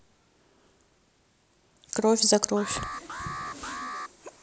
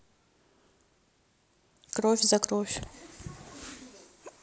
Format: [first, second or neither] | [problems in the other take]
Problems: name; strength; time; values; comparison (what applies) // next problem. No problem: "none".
second | background sound (Alarm); 7 dB below the speech